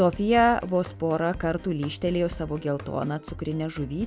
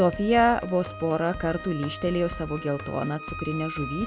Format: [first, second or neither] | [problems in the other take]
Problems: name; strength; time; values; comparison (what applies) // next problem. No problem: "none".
first | background sound (Wind instrument, woodwind instrument); 13 dB below the speech